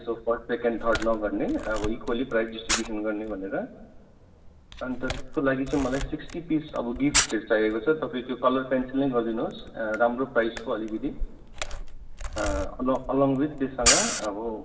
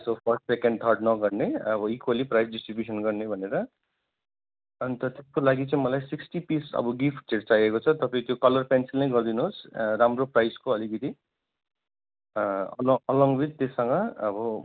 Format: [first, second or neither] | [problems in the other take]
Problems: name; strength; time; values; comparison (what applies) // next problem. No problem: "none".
second | background sound (Camera); 5 dB below the speech // room echo; dies away in 2.5 s